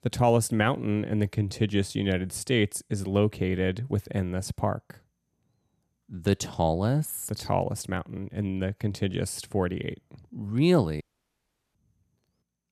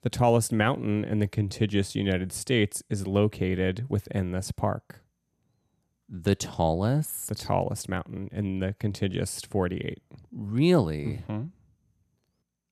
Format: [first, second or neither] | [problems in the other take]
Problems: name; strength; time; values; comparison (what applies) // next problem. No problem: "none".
second | audio cutting out; at 11 s for 0.5 s